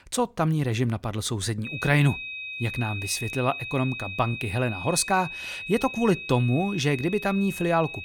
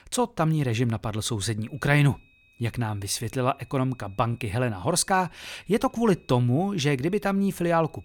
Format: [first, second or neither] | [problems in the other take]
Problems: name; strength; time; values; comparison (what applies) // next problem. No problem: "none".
second | high-pitched whine; loud; from 1.5 s on; 2.5 kHz, 8 dB below the speech; faint in the second